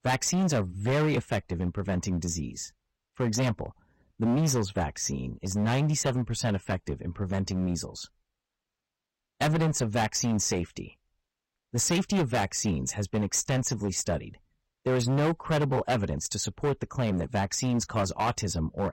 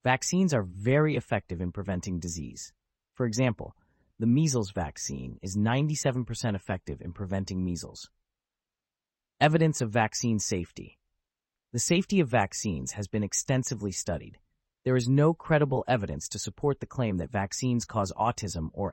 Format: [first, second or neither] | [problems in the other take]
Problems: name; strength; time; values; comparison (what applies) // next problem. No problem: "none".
second | distortion; heavy; 13% of the sound clipped